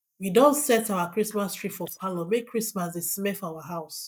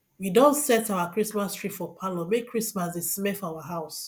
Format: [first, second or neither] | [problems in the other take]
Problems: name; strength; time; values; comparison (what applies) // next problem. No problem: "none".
second | noise reduction (neural mask model DeepFilterNet 3)